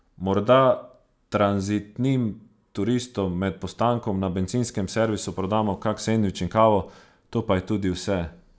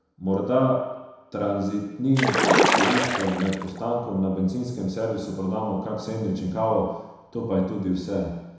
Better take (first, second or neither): first